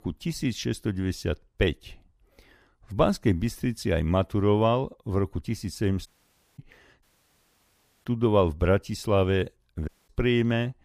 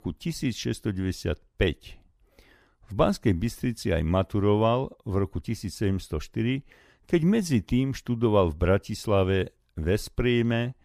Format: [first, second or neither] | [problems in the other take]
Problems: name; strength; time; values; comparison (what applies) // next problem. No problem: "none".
second | audio cutting out; at 6 s for 0.5 s, at 7 s for 1 s and at 10 s